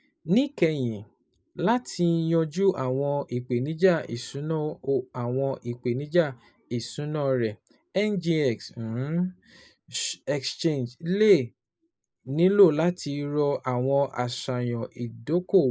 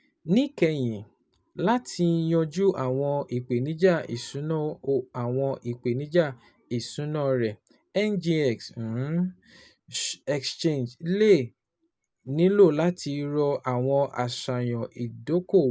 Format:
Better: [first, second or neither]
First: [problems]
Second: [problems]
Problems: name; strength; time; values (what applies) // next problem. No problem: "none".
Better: second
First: noise reduction (neural mask model Resemble Enhance denoiser)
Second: none